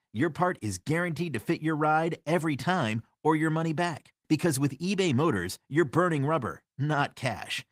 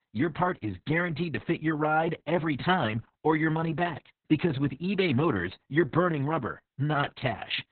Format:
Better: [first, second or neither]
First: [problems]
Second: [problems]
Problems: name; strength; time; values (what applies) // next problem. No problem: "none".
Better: first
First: garbled, watery; slightly; nothing above 15.5 kHz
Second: garbled, watery; badly; nothing above 4 kHz